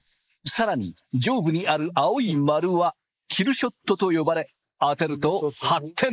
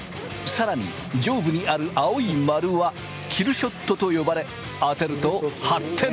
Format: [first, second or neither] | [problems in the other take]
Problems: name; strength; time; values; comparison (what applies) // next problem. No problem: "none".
second | noise reduction (neural mask model Resemble Enhance denoiser)